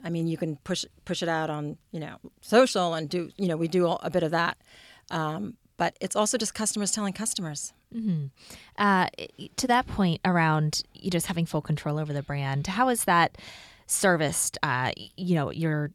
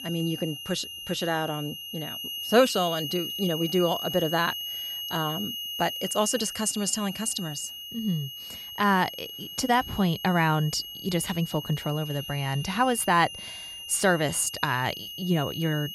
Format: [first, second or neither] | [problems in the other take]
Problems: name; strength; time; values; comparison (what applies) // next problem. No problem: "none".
first | high-pitched whine; loud; throughout; 3 kHz, 8 dB below the speech